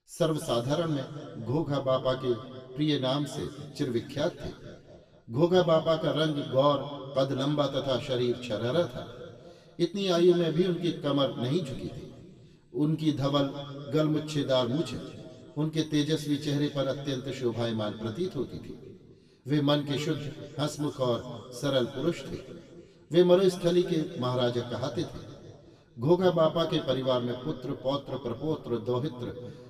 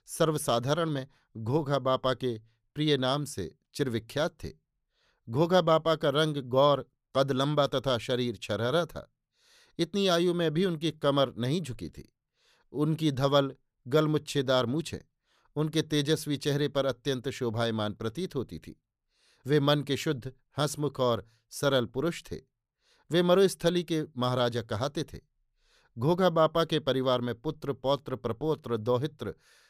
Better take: second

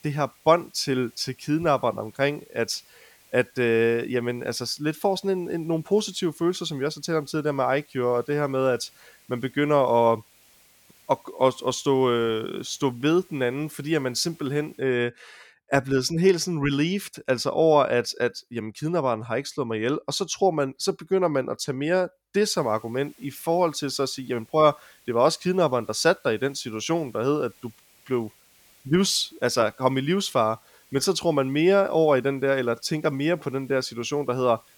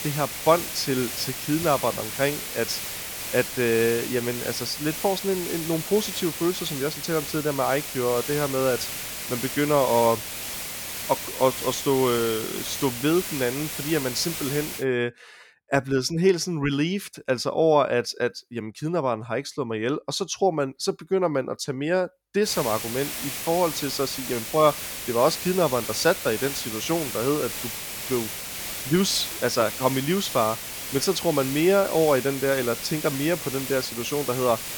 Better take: first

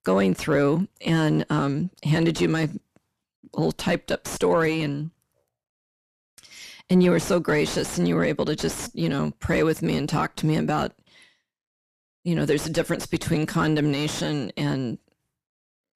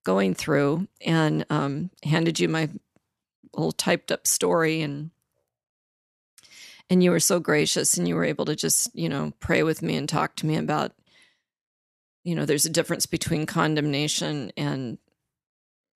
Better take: second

